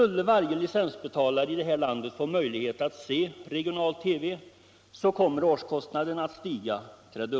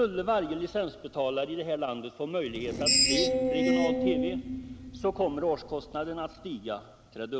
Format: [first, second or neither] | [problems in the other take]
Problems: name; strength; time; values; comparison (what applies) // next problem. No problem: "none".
first | background sound (Screech); as loud as the speech